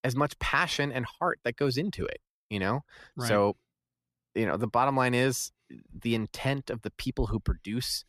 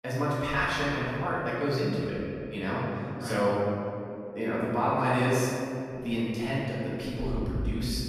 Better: first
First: none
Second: off-mic speech; far // room echo; strong; dies away in 2.5 s

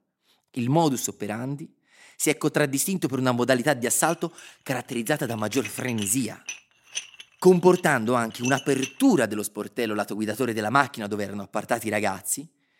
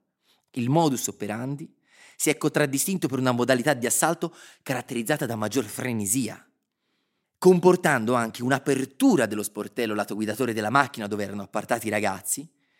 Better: second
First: clattering dishes; noticeable; from 4 to 9 s; peak 8 dB below the speech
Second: none

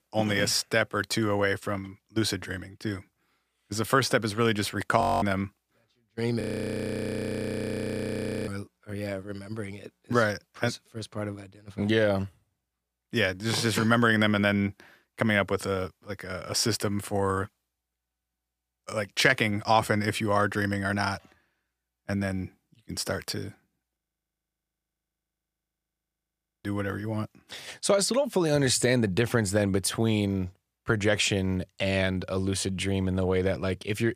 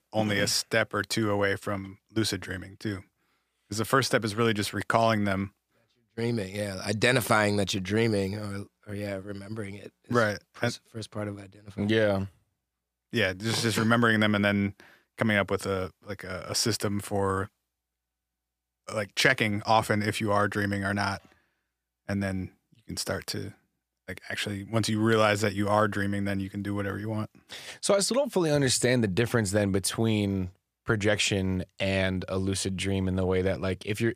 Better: second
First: audio freezing; at 5 s, at 6.5 s for 2 s and at 24 s for 2.5 s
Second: none

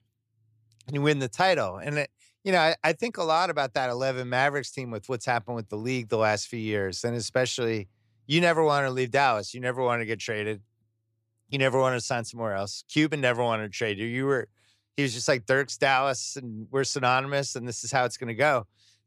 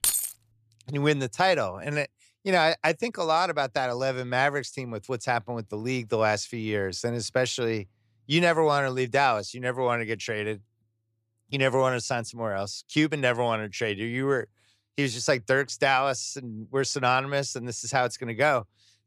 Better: first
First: none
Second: jangling keys; loud; at the start; peak 2 dB above the speech

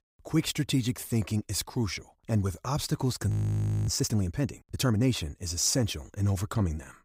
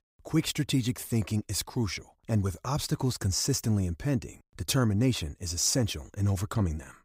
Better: second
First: audio freezing; at 3.5 s for 0.5 s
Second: none

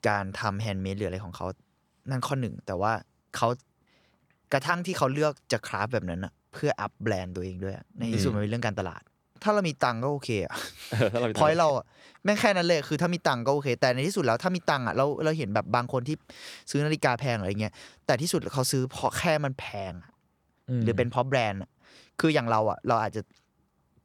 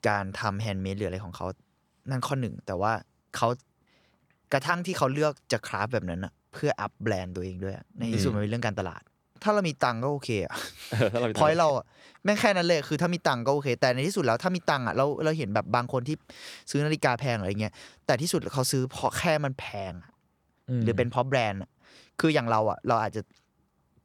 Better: neither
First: none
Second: none

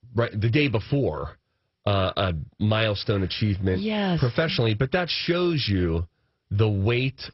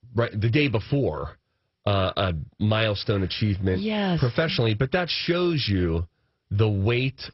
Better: neither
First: garbled, watery; badly; nothing above 5.5 kHz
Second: garbled, watery; badly; nothing above 5.5 kHz

